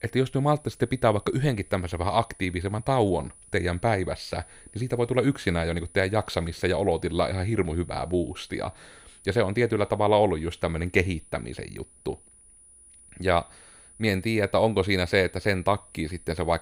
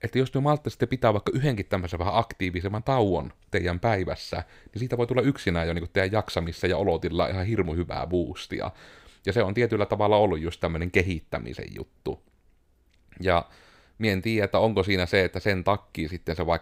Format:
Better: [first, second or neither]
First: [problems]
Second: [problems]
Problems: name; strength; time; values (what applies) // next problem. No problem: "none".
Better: second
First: high-pitched whine; faint; throughout; 9.5 kHz, 25 dB below the speech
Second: none